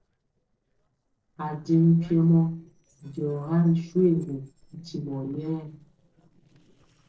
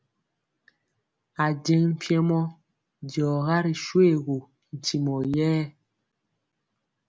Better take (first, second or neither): second